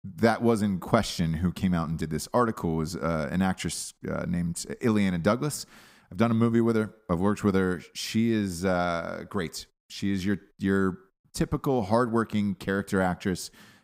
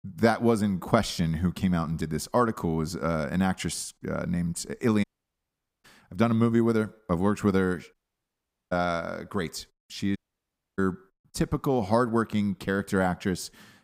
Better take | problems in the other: first | audio cutting out; at 5 s for 1 s, at 8 s for 1 s and at 10 s for 0.5 s

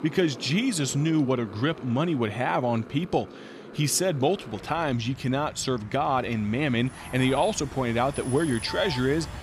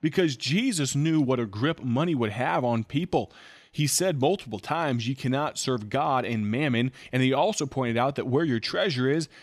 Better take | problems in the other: second | traffic noise; noticeable; throughout; 15 dB below the speech

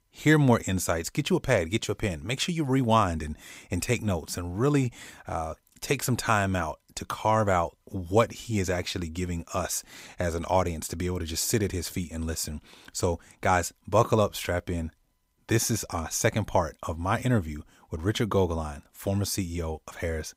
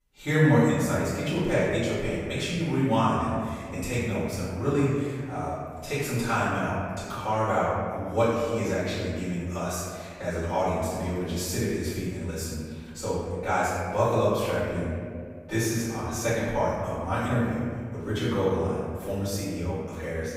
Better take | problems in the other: first | off-mic speech; far // room echo; strong; dies away in 1.9 s

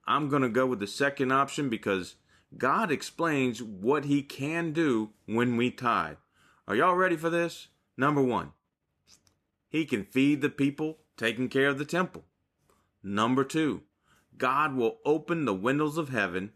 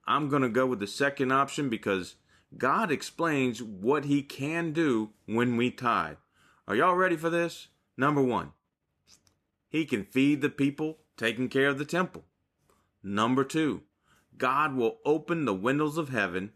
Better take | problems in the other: neither | none

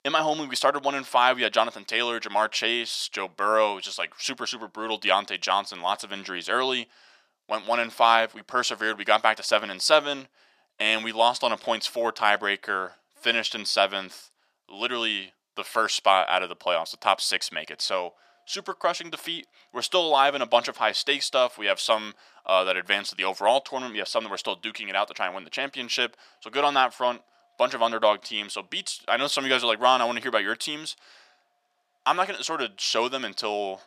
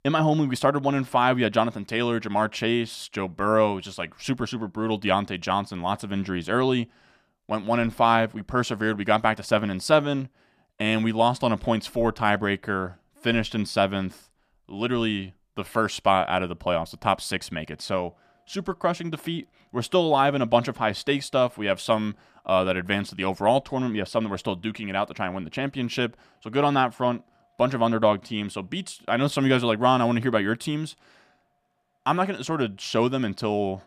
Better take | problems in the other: second | thin; somewhat; fading below 550 Hz

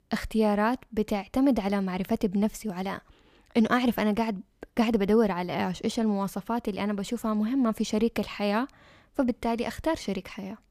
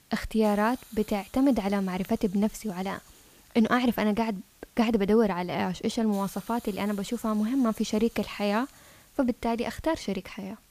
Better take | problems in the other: first | hiss; faint; throughout; 25 dB below the speech

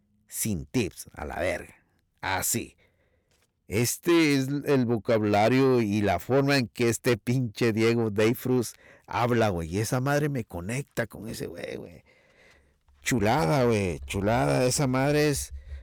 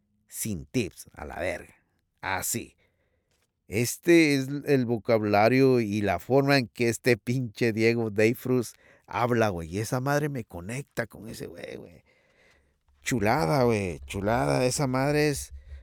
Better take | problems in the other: second | distortion; slight; 10 dB below the speech

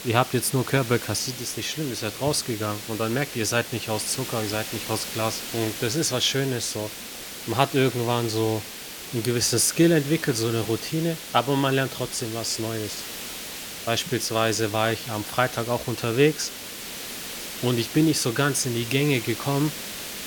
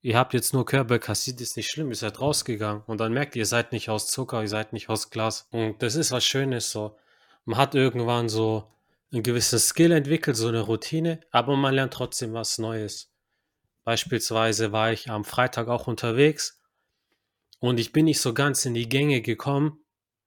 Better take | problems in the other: second | hiss; loud; throughout; 9 dB below the speech

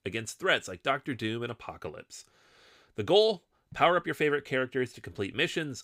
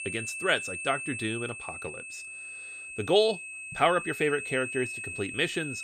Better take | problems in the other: first | high-pitched whine; loud; throughout; 2.5 kHz, 7 dB below the speech

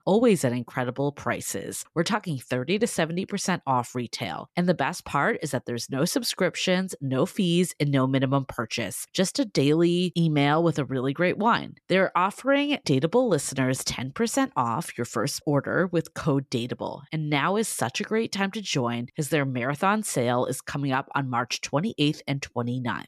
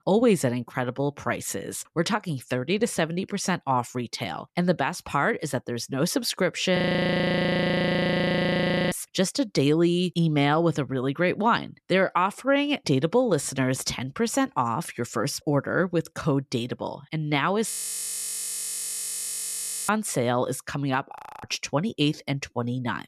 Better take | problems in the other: first | audio freezing; at 7 s for 2 s, at 18 s for 2 s and at 21 s

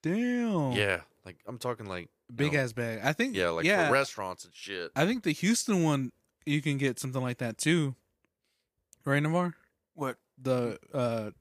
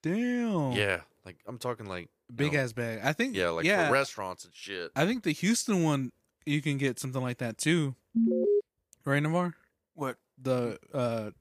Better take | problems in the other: first | alarm; loud; at 8 s; peak 4 dB above the speech

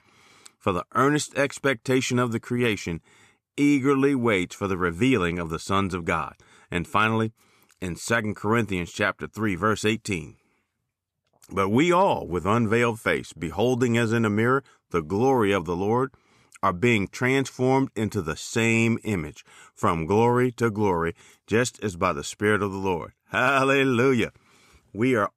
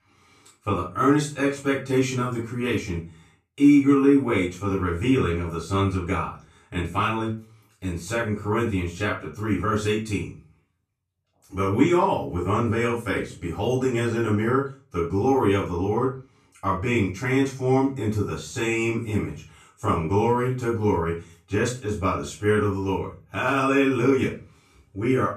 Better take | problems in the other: first | off-mic speech; far // room echo; slight; dies away in 0.3 s

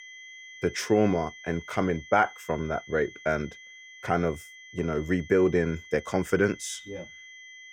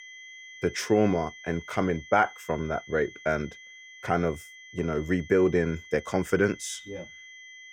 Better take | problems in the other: neither | high-pitched whine; noticeable; throughout; 2 kHz, 20 dB below the speech; the same in both

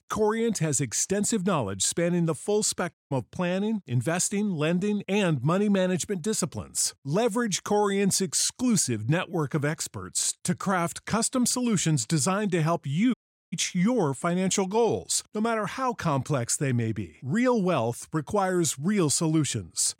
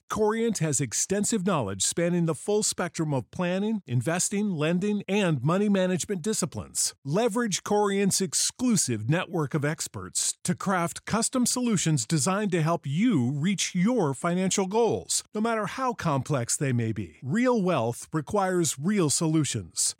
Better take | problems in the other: second | audio cutting out; at 3 s and at 13 s

